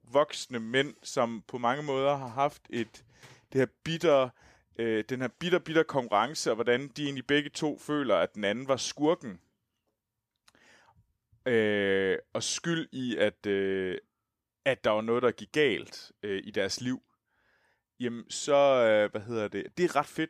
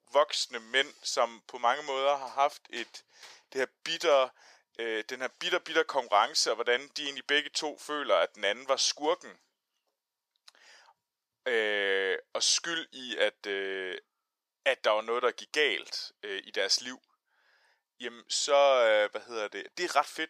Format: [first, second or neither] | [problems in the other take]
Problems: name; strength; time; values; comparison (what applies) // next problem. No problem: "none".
first | thin; very; fading below 650 Hz